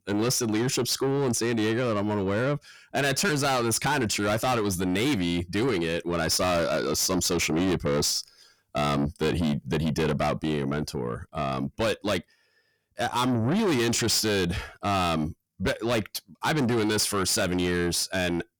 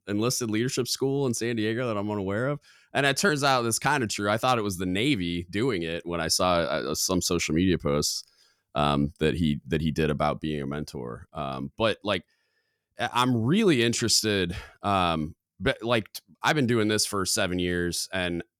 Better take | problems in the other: second | distortion; heavy; 7 dB below the speech

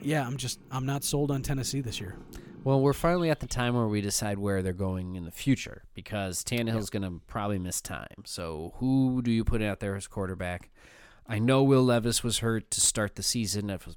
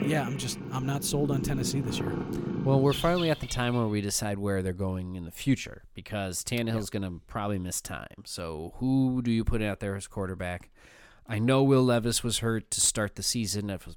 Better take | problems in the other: first | animal sounds; loud; until 3.5 s; 6 dB below the speech; faint in the first

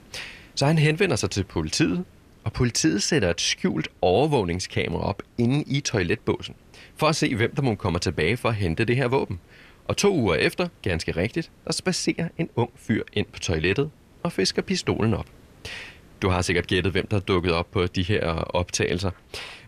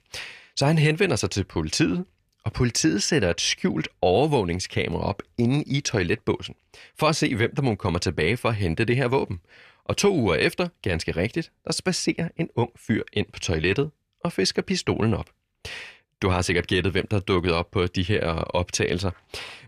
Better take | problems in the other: second | hiss; faint; throughout; 30 dB below the speech

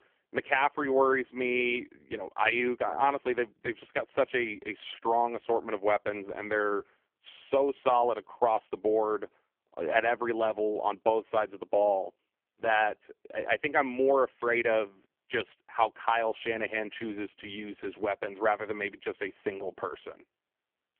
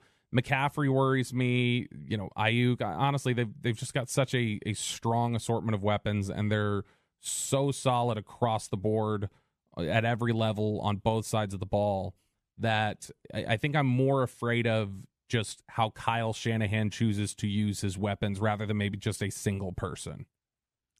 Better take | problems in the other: second | phone-call audio; poor line; nothing above 3.5 kHz

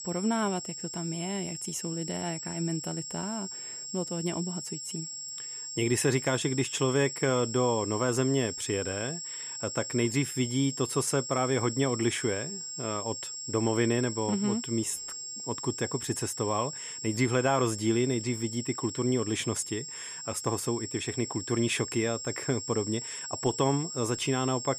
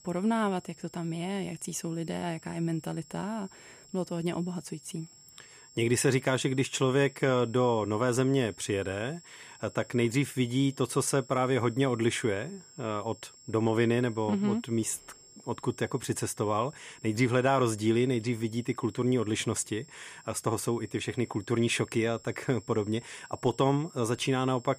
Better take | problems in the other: second | high-pitched whine; loud; throughout; 7.5 kHz, 6 dB below the speech; faint in the second

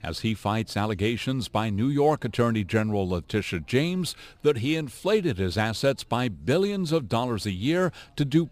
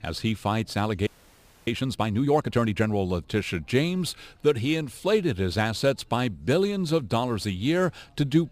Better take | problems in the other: first | audio freezing; at 1 s for 0.5 s

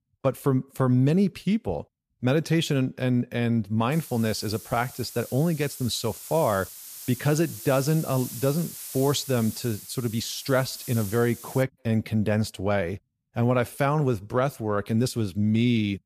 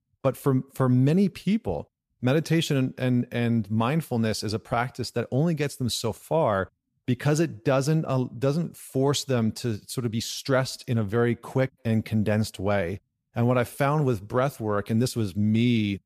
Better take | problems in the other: second | hiss; noticeable; from 4 to 12 s; 15 dB below the speech

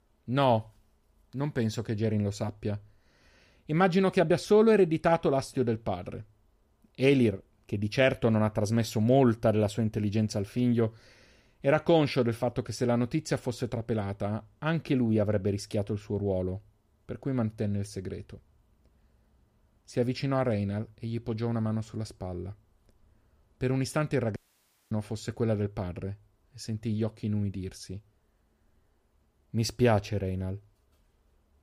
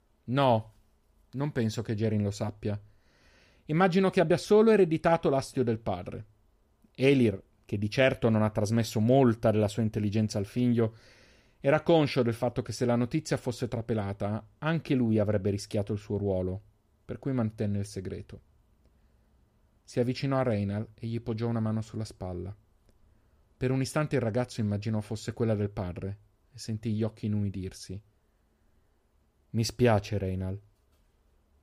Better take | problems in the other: second | audio cutting out; at 24 s for 0.5 s

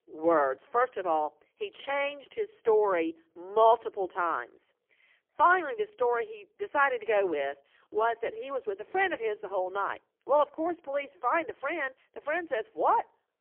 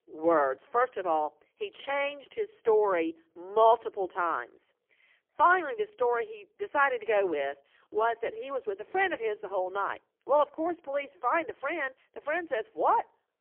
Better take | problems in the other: neither | phone-call audio; poor line; nothing above 3 kHz; the same in both

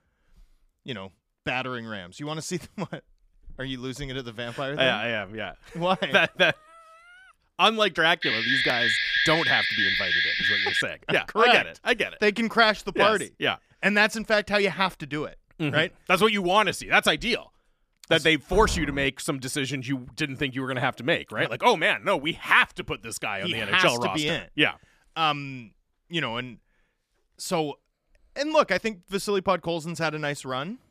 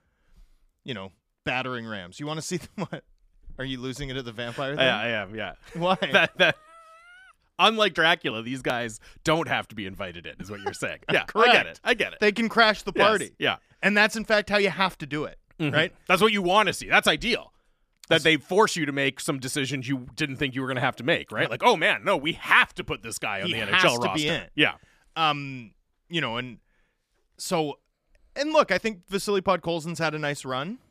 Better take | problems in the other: second | alarm; loud; from 8 to 11 s; peak 3 dB above the speech // door banging; noticeable; at 19 s; peak 8 dB below the speech

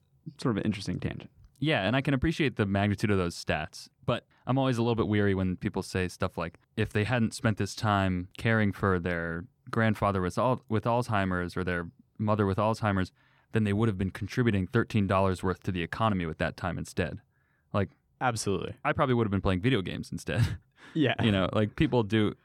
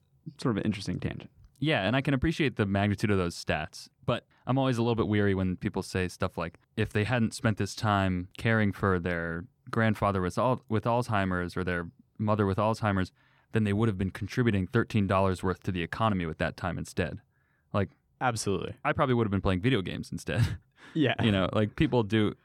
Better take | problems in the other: neither | none

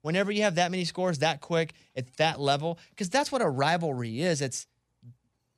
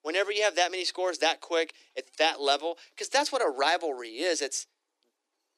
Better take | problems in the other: first | thin; very; fading below 300 Hz

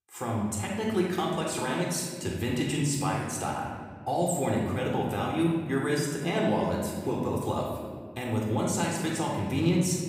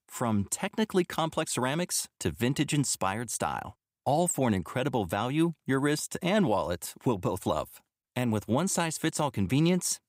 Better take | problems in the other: second | off-mic speech; somewhat distant // room echo; noticeable; dies away in 1.5 s

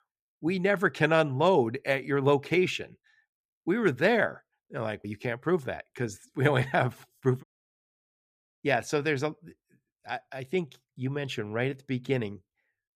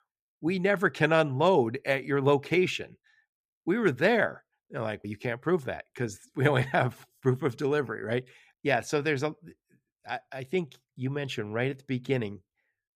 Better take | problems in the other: second | audio cutting out; at 7.5 s for 1 s

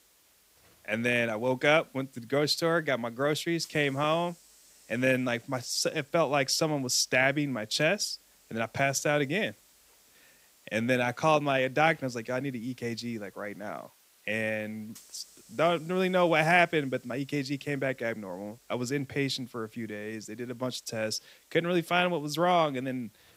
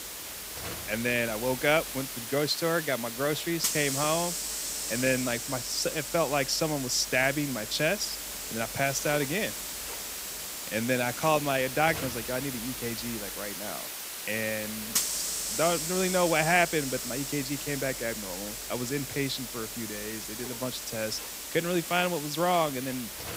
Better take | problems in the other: first | hiss; loud; throughout; 4 dB below the speech; faint in the first

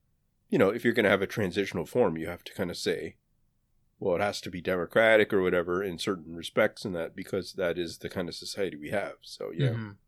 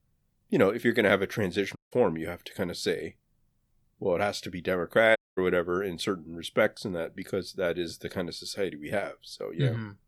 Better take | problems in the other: first | audio cutting out; at 2 s and at 5 s

